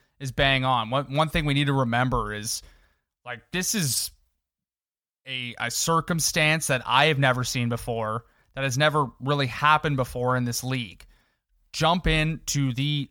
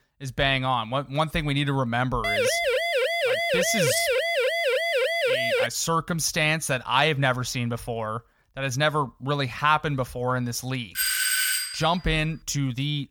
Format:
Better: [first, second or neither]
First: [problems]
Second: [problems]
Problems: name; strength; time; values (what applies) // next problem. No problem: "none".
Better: first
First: none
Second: siren; loud; from 2 to 5.5 s; peak 3 dB above the speech // doorbell; loud; at 11 s; peak 4 dB above the speech